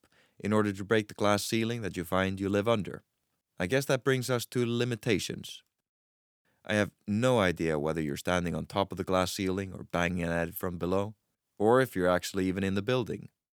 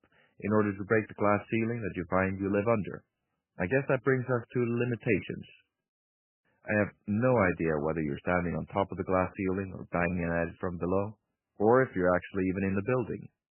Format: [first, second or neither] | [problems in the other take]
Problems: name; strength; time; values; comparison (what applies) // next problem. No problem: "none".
first | garbled, watery; badly; nothing above 2.5 kHz